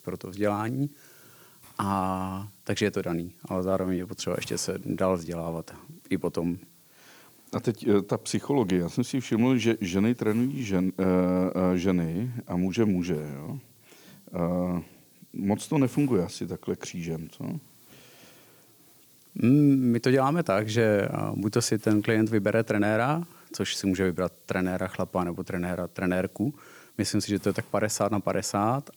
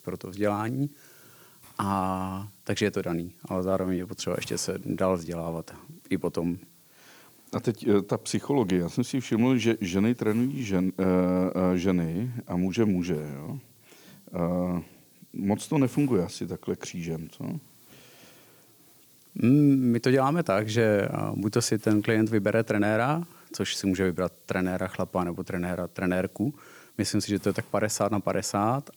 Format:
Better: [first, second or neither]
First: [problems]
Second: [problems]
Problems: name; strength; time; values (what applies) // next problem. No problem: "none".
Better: neither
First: hiss; faint; throughout; 25 dB below the speech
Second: hiss; faint; throughout; 25 dB below the speech